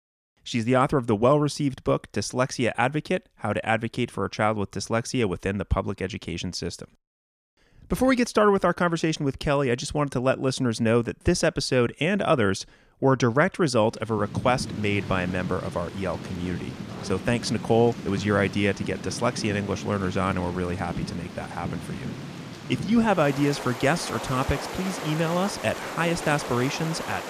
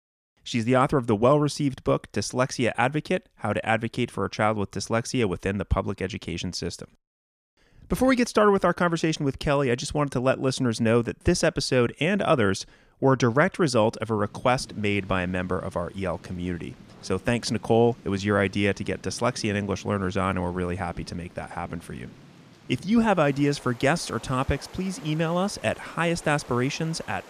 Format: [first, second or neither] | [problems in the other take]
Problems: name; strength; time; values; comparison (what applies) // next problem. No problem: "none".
second | rain or running water; loud; from 14 s on; 10 dB below the speech; faint in the second